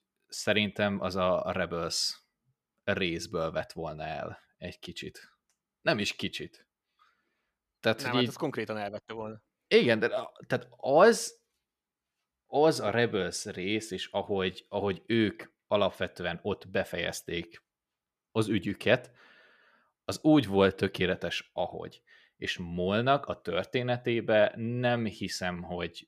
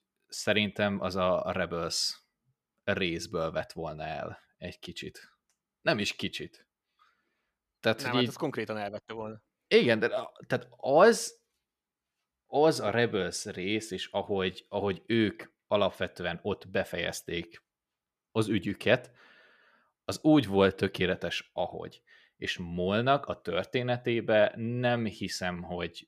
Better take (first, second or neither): neither